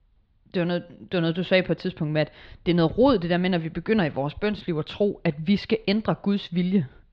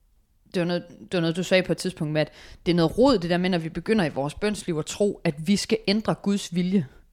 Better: second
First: muffled; very slightly; fading above 4 kHz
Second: none

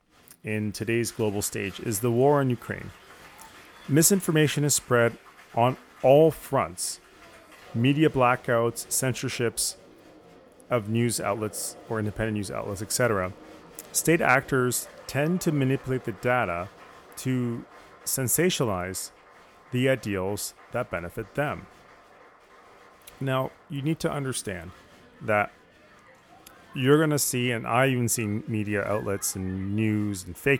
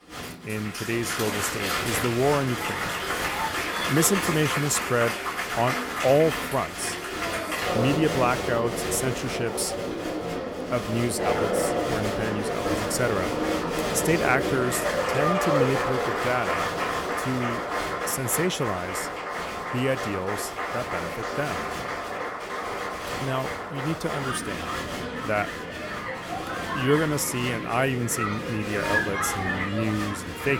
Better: first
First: crowd noise; faint; throughout; 25 dB below the speech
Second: crowd noise; loud; throughout; 1 dB below the speech

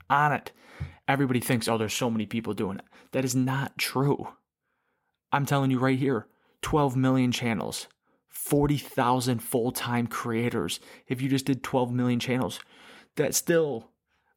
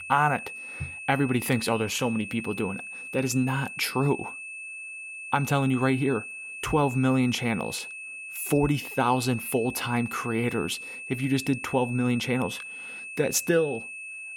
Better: first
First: none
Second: high-pitched whine; loud; throughout; 2.5 kHz, 9 dB below the speech

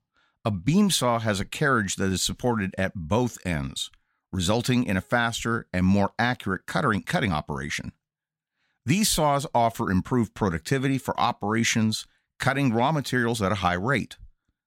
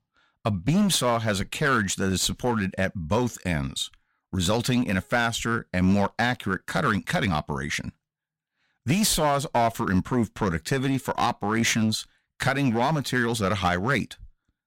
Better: first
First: none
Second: distortion; slight; 7% of the sound clipped

